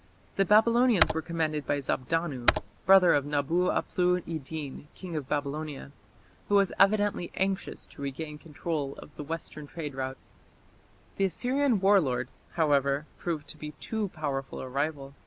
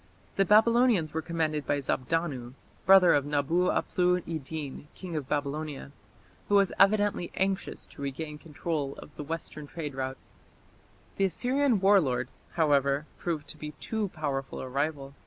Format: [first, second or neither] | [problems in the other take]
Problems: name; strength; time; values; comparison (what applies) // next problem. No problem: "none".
second | background sound (Computer keyboard); 5 dB below the speech